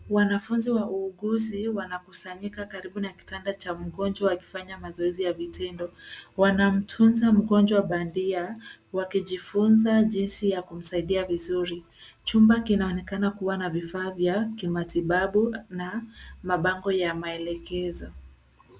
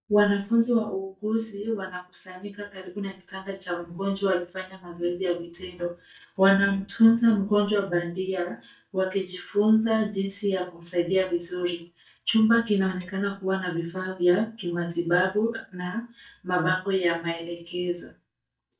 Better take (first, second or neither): first